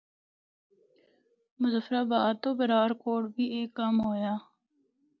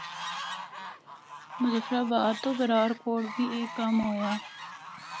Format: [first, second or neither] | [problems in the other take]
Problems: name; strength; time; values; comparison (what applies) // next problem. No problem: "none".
first | background sound (Fowl); 10 dB below the speech